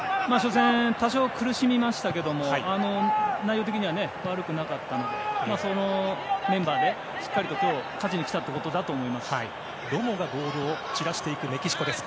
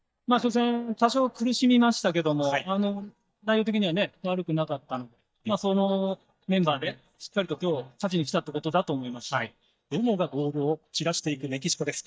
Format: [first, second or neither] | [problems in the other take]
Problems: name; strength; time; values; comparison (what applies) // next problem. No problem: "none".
first | noise reduction (neural mask model DeepFilterNet 3)